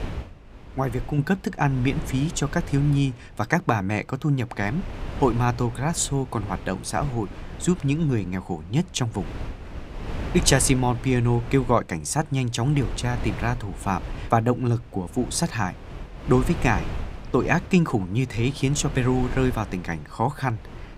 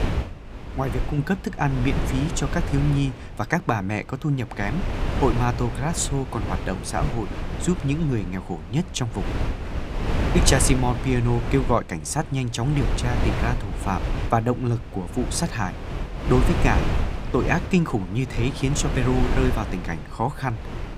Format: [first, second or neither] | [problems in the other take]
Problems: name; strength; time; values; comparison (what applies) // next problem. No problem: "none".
first | wind noise on the microphone; heavy; 6 dB below the speech; occasional gusts in the first